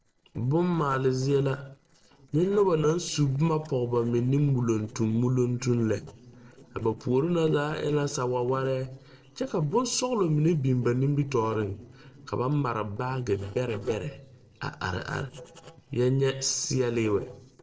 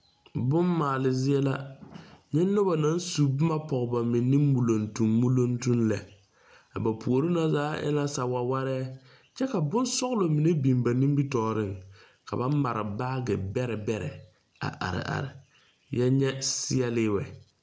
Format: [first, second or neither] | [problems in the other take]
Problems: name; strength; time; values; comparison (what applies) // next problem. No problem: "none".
second | noise reduction (neural separator model SepFormer DNS4)